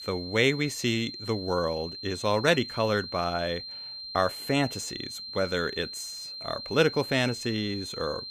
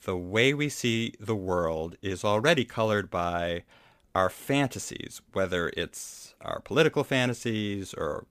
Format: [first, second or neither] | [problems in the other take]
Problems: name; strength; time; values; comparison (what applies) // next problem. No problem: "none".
second | high-pitched whine; loud; throughout; 4 kHz, 9 dB below the speech